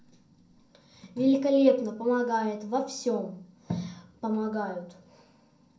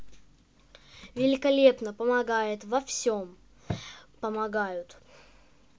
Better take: second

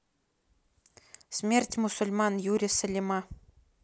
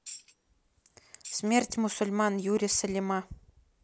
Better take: first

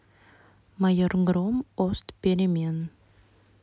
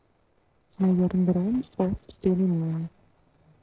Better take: first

